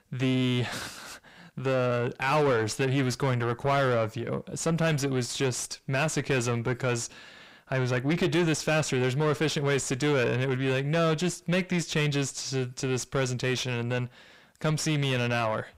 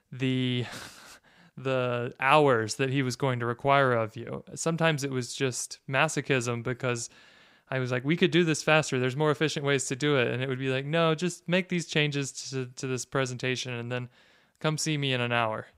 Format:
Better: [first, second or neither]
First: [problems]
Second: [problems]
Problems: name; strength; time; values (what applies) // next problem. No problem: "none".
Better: second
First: distortion; heavy; 6 dB below the speech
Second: none